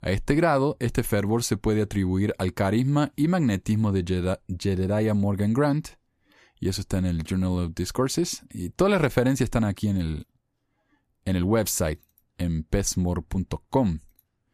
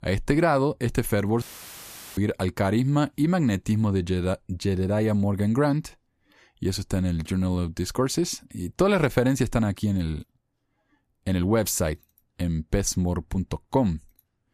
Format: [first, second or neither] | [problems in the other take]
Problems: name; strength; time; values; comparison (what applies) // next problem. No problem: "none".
first | audio cutting out; filled with static; at 1.5 s for 1 s